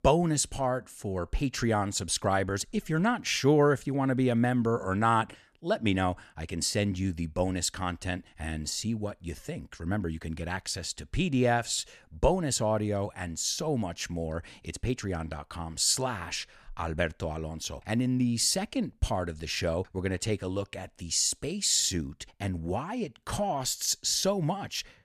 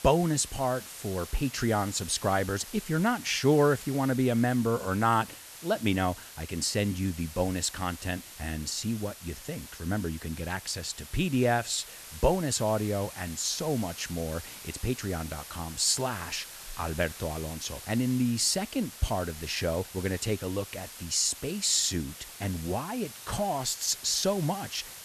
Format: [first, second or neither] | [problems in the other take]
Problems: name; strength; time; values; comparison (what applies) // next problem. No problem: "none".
first | hiss; noticeable; throughout; 15 dB below the speech